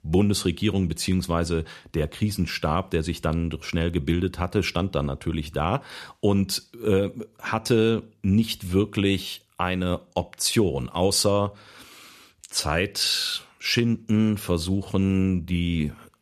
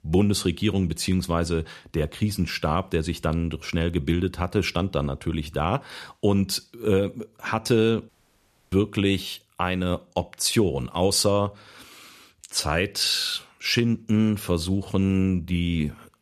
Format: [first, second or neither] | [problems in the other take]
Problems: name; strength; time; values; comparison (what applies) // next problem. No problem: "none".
first | audio cutting out; at 8 s for 0.5 s